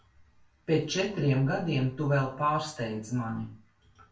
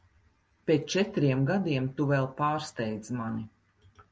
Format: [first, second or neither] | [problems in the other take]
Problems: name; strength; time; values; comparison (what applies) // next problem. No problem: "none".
second | room echo; dies away in 0.4 s